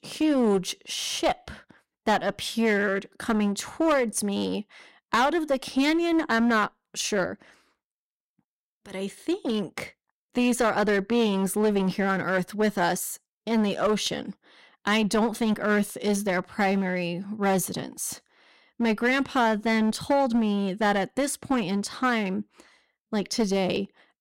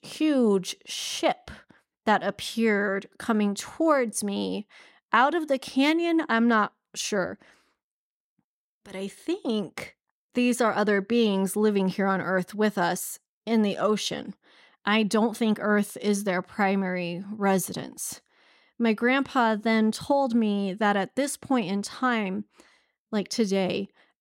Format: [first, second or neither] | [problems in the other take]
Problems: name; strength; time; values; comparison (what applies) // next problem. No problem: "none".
second | distortion; slight; 8% of the sound clipped